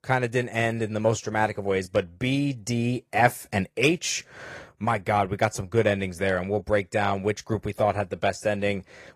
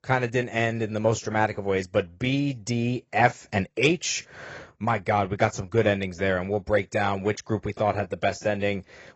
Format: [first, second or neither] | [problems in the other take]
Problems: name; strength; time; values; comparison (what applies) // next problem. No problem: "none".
first | garbled, watery; badly; nothing above 7.5 kHz; slightly in the first